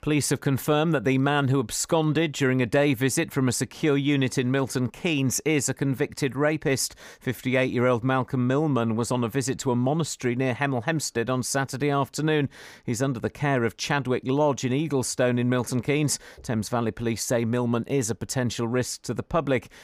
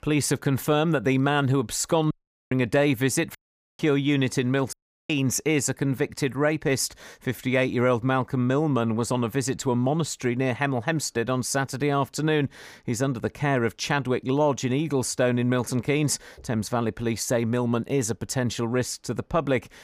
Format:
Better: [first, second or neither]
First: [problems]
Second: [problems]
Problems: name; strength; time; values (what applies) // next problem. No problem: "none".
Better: first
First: none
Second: audio cutting out; at 2 s, at 3.5 s and at 4.5 s